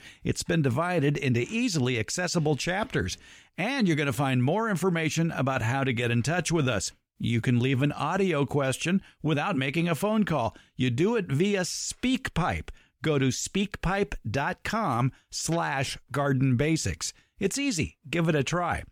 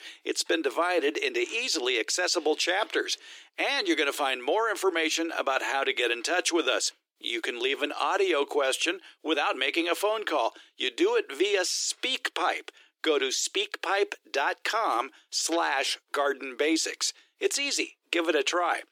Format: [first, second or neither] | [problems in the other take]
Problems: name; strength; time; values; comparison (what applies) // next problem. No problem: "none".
first | thin; very; fading below 300 Hz